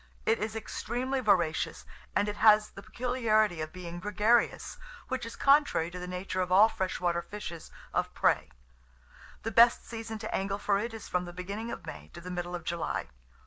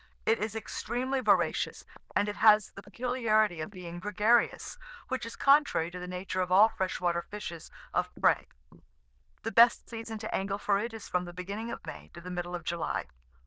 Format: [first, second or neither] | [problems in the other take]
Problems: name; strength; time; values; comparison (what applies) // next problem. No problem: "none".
first | noise reduction (neural diffusion model UNIVERSE++)